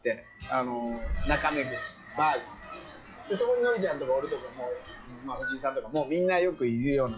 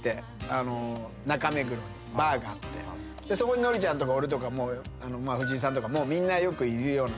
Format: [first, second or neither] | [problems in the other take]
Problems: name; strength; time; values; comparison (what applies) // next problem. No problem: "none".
second | noise reduction (classical method log-MMSE)